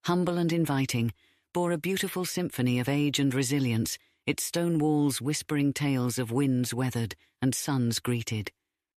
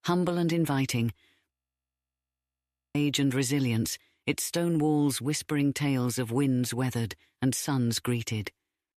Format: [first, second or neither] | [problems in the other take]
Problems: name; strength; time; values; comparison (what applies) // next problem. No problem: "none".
first | audio freezing; at 1.5 s for 1.5 s